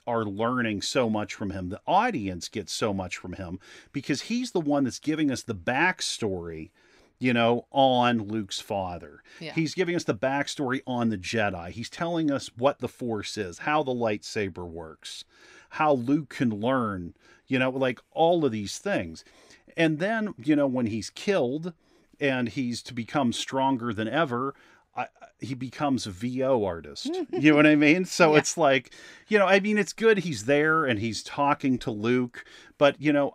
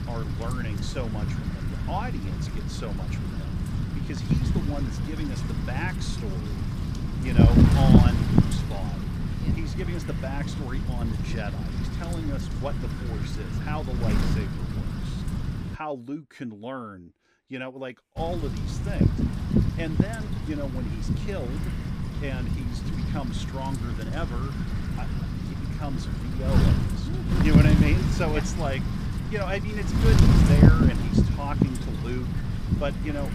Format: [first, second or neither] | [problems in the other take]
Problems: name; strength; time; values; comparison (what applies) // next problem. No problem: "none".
first | wind noise on the microphone; heavy; until 16 s and from 18 s on; 1 dB above the speech